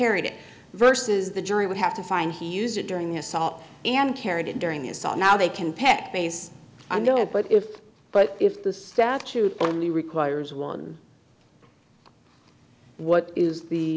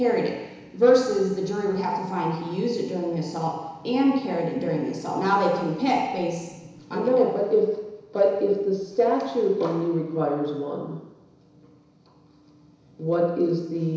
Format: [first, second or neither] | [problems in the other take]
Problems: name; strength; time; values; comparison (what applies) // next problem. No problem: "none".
first | room echo; dies away in 1 s